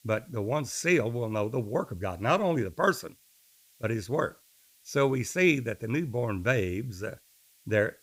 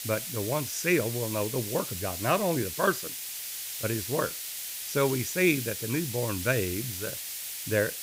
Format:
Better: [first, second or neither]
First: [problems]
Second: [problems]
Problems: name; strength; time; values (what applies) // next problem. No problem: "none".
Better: first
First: hiss; faint; throughout; 30 dB below the speech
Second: hiss; loud; throughout; 4 dB below the speech